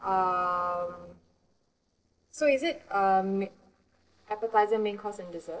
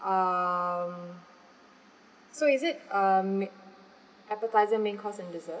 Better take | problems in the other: second | noise reduction (neural separator model SepFormer DNS4)

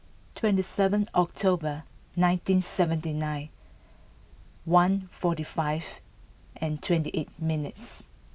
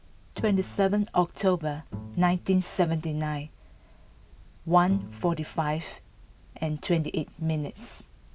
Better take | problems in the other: first | background sound (Bowed string instrument); 15 dB below the speech

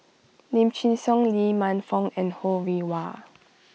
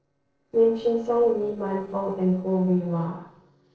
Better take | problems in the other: first | noise reduction (neural separator model SepFormer DNS4)

